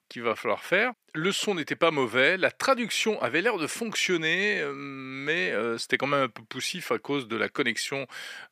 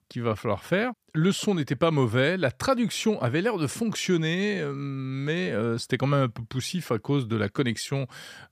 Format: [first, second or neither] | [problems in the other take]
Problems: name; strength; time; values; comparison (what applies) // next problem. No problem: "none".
second | thin; somewhat; fading below 350 Hz